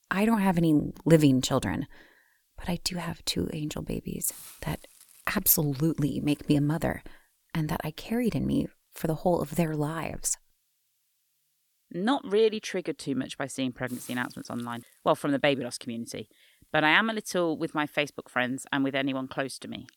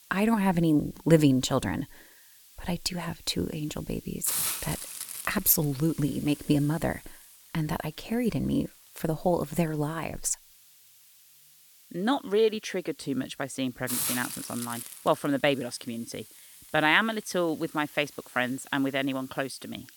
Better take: first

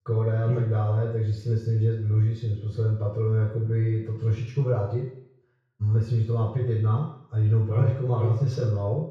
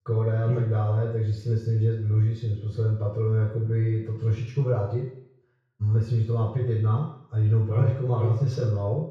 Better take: neither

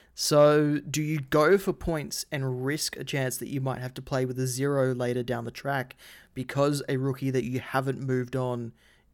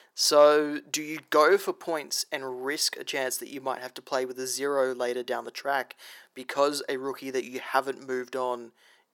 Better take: first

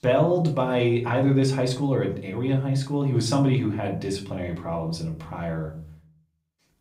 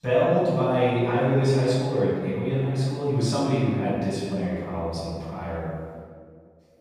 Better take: first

